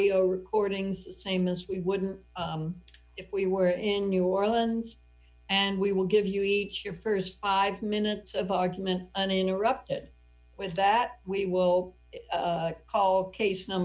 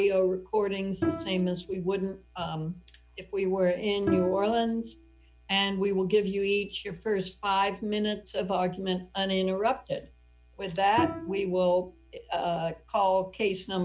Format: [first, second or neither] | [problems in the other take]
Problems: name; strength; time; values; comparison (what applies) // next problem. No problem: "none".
first | background sound (Bowed string instrument); 9 dB below the speech